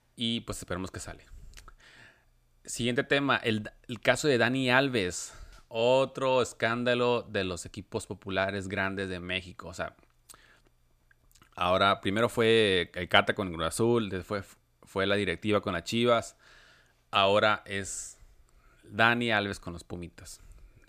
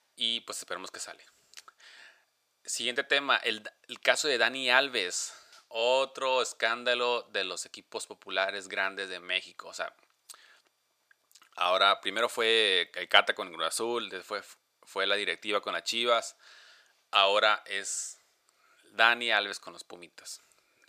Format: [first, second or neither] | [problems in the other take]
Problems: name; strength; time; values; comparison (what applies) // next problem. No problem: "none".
first | thin; somewhat; fading below 550 Hz